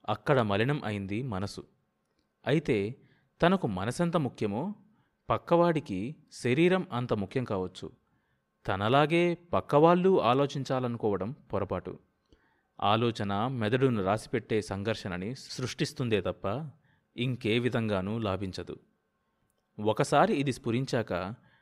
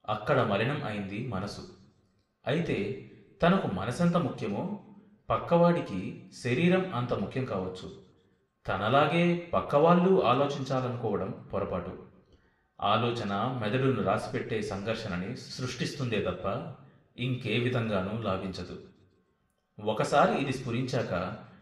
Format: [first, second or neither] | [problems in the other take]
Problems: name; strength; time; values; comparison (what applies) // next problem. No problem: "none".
first | room echo; slight; dies away in 0.7 s // off-mic speech; somewhat distant